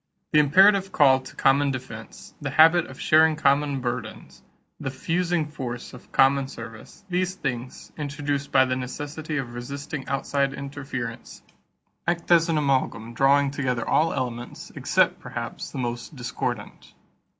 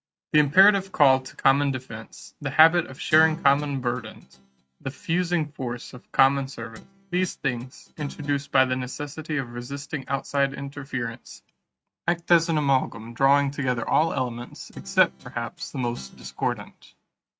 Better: first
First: none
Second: noise reduction (neural mask model RNNoise)

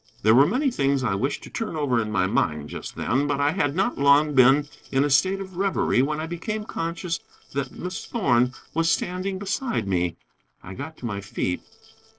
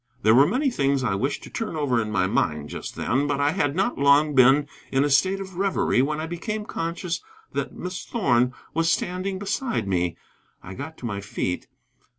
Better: second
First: noise reduction (neural separator model SepFormer DNS4)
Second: none

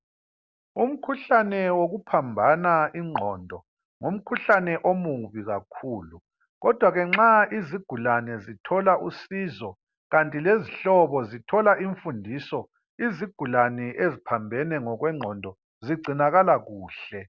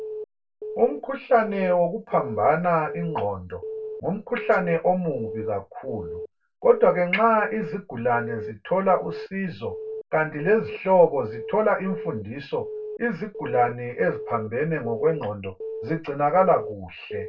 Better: first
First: none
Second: background sound (Alarm / Keyboard (musical)); 11 dB below the speech // room echo; dies away in 0.2 s

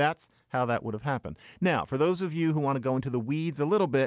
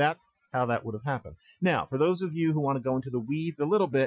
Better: first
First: none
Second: noise reduction (classical method Wiener filter)

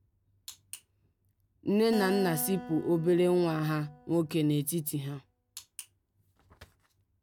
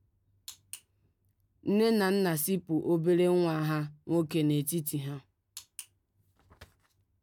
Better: second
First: background sound (Acoustic guitar); 13 dB below the speech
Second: none

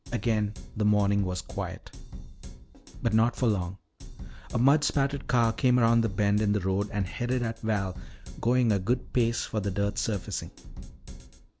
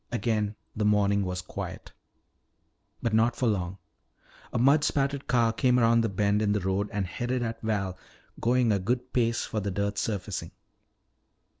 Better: second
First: background sound (Drum kit); 13 dB below the speech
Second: none

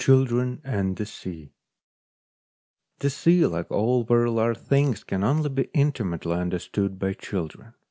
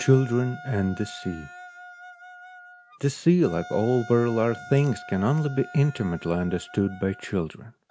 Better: first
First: none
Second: background sound (Wind instrument, woodwind instrument); 18 dB below the speech

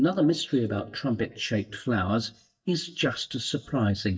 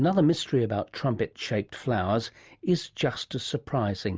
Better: second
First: noise reduction (neural mask model DeepFilterNet 3)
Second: none

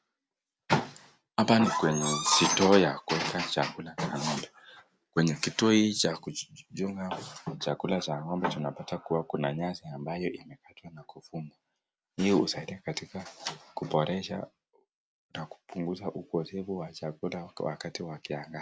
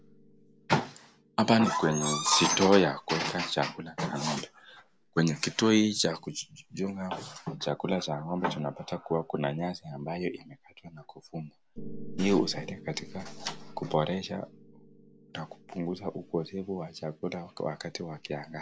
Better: first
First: none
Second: background sound (Piano); 18 dB below the speech

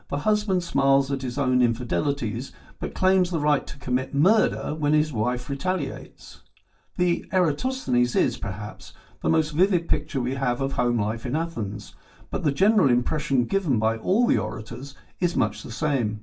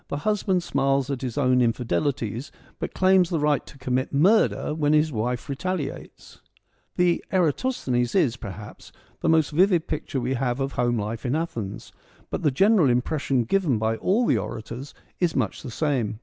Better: second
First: room echo; dies away in 0.2 s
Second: none

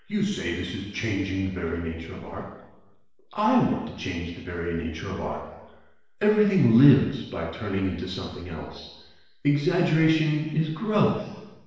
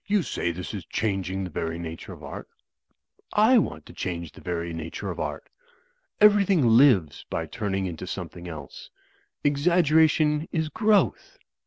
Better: second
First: room echo; dies away in 1 s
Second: none

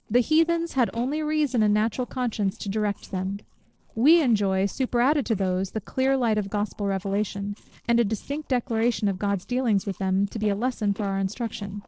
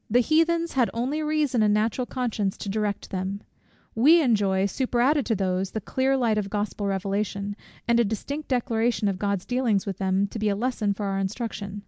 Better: second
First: noise reduction (neural separator model SepFormer DNS4)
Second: none

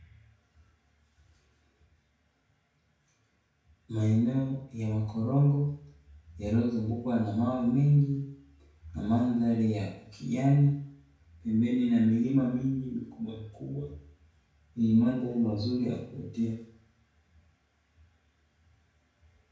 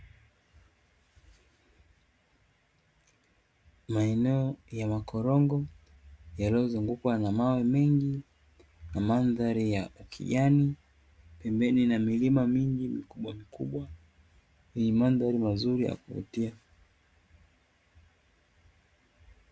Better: second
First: room echo; dies away in 0.5 s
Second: none

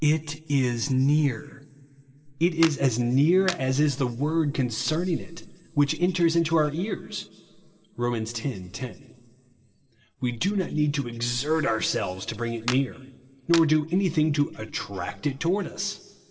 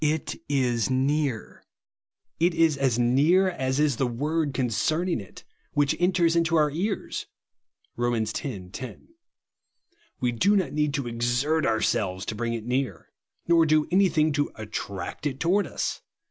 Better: second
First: background sound (Clapping); 12 dB below the speech // room echo; dies away in 1.9 s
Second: none

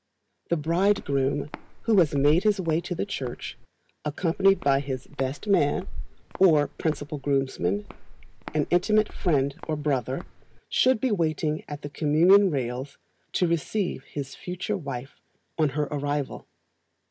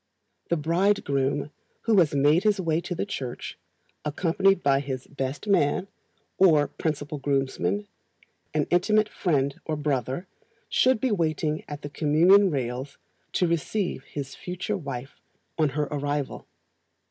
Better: second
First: background sound (Walk, footsteps); 10 dB below the speech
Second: none

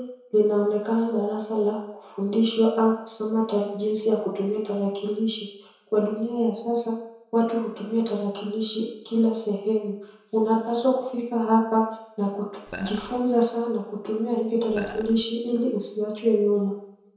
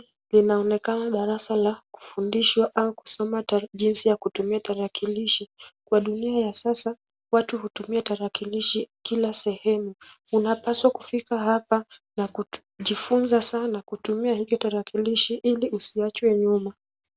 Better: second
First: background sound (Burping, eructation); 13 dB below the speech // room echo; dies away in 0.7 s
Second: none

